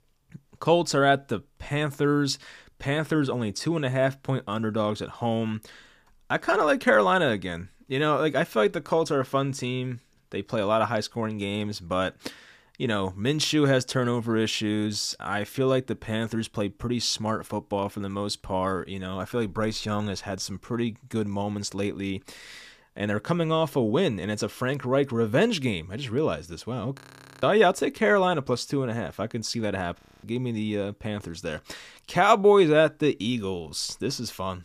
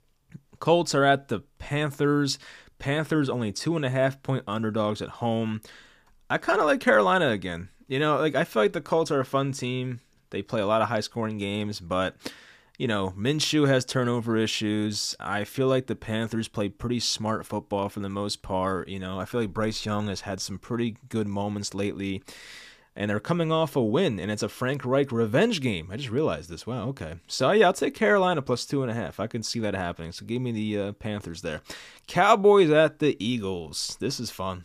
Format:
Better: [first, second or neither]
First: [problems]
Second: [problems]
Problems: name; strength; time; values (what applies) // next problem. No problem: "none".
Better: second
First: audio freezing; at 27 s and at 30 s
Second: none